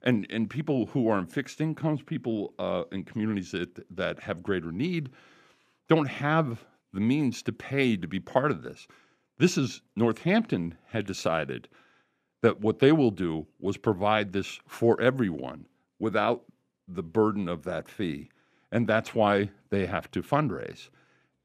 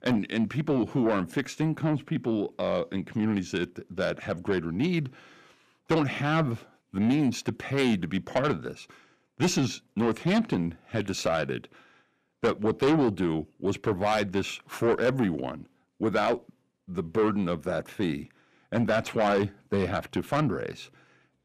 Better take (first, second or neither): first